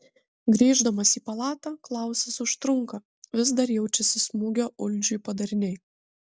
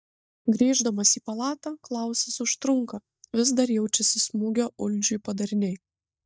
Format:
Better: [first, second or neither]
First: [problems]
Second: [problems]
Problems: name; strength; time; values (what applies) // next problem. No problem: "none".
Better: first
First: none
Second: noise reduction (neural mask model DeepFilterNet 3)